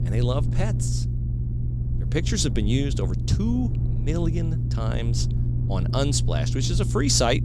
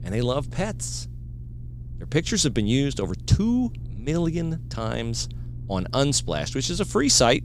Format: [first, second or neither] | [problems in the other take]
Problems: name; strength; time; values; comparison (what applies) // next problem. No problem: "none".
second | low rumble; loud; throughout; 9 dB below the speech; faint in the second